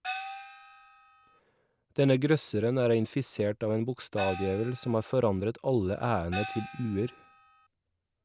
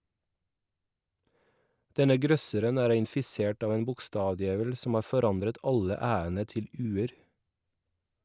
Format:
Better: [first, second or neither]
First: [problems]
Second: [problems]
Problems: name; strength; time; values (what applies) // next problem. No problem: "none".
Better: second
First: background sound (Gong); 11 dB below the speech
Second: none